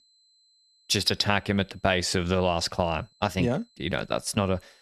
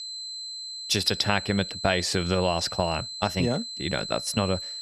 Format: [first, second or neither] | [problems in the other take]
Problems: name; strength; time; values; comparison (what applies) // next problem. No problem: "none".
first | high-pitched whine; loud; throughout; 4 kHz, 7 dB below the speech; faint in the first